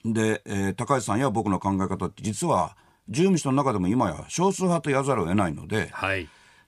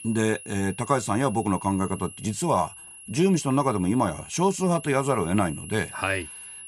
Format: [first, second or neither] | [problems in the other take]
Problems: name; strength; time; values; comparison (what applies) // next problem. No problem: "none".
first | high-pitched whine; noticeable; throughout; 11 kHz, 15 dB below the speech